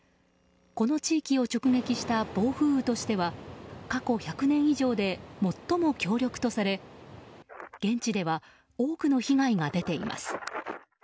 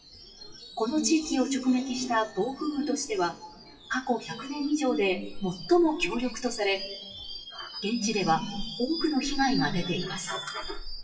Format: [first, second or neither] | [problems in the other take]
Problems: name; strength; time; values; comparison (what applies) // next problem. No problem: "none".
first | noise reduction (classical method WPE with log-MMSE)